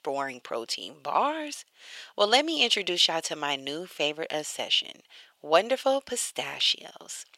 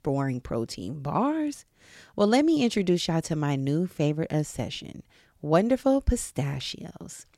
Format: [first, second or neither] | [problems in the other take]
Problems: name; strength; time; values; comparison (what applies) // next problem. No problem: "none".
second | thin; very; fading below 700 Hz